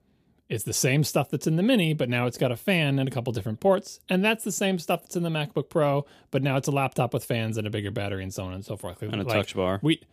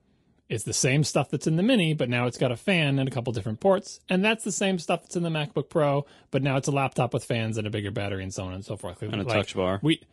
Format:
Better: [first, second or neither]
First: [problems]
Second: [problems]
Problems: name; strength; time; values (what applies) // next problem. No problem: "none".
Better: first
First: none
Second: garbled, watery; slightly; nothing above 10.5 kHz